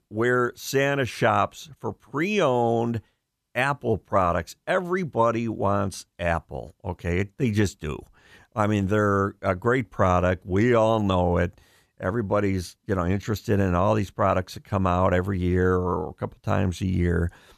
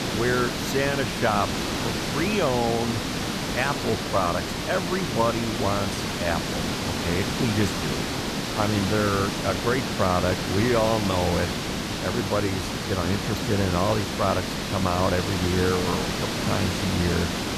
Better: first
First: none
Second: hiss; loud; throughout; 1 dB below the speech

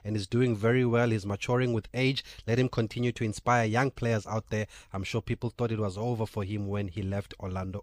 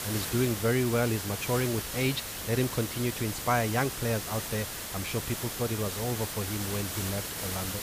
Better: first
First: none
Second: hiss; loud; throughout; 3 dB below the speech

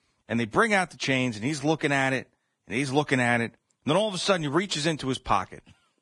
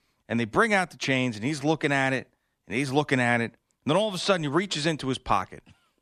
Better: second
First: garbled, watery; badly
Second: none

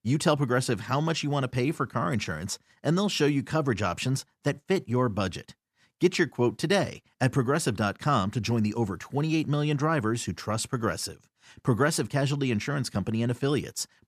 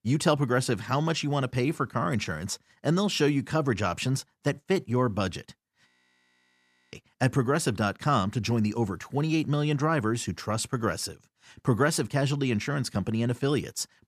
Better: first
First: none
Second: audio freezing; at 6 s for 1 s

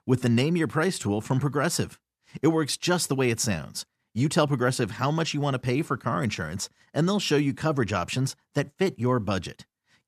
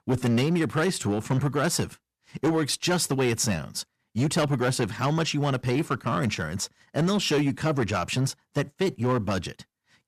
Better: first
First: none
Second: distortion; slight; 8% of the sound clipped

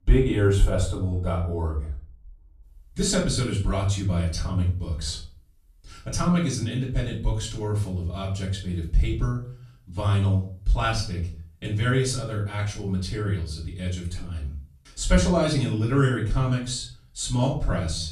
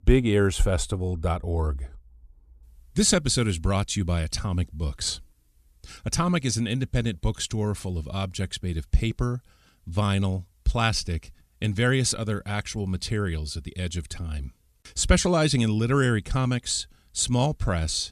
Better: second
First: off-mic speech; far // room echo; slight; dies away in 0.4 s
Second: none

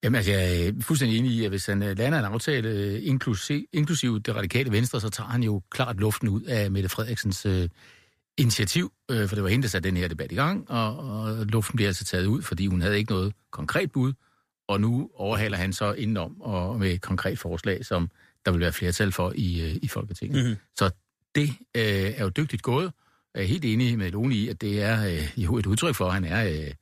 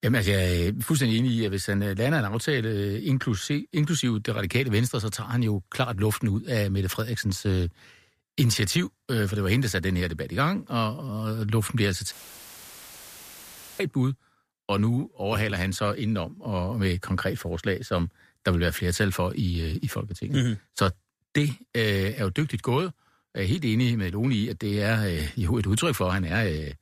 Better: first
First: none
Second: audio cutting out; filled with static; at 12 s for 1.5 s

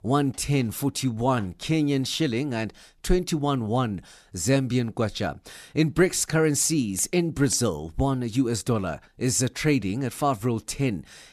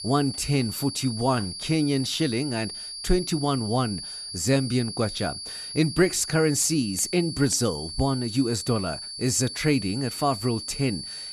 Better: first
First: none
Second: high-pitched whine; loud; throughout; 4.5 kHz, 8 dB below the speech

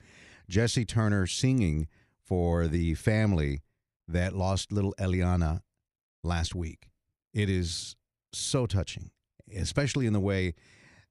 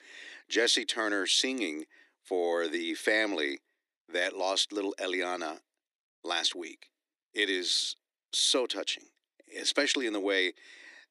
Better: first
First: none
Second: thin; very; fading below 300 Hz

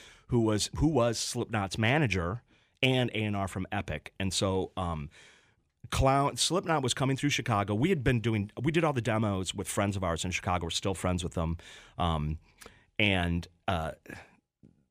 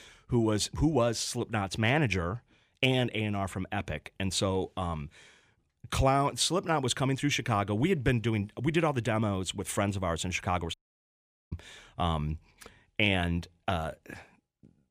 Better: first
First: none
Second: audio cutting out; at 11 s for 1 s

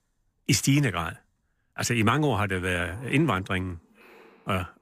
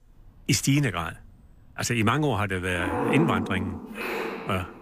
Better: first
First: animal sounds; faint; throughout; 25 dB below the speech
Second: animal sounds; loud; throughout; 4 dB below the speech

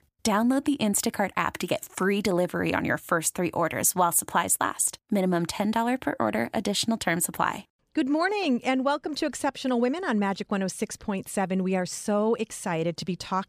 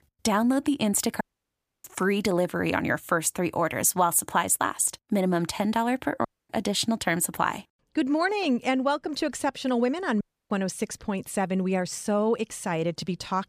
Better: first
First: none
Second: audio cutting out; at 1 s for 0.5 s, at 6.5 s and at 10 s

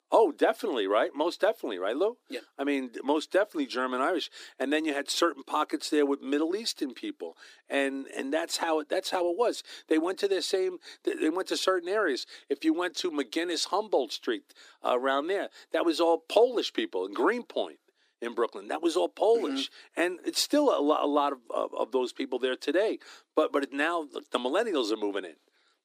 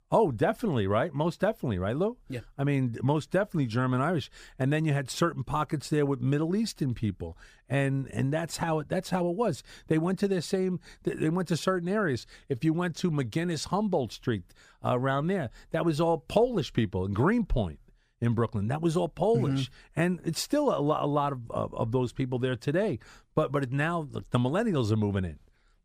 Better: second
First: thin; somewhat; fading below 300 Hz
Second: none

